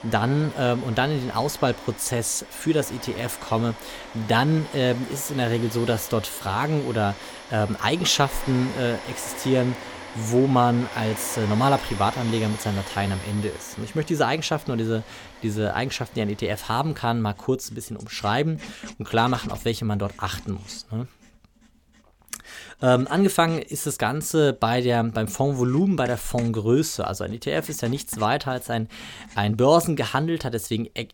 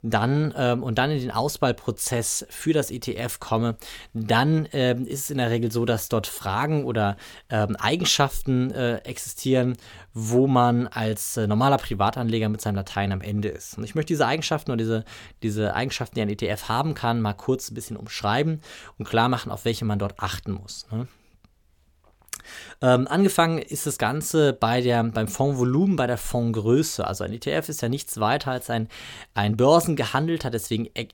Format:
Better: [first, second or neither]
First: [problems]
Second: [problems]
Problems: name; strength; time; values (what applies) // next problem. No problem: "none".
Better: second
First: household noises; noticeable; throughout; 15 dB below the speech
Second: none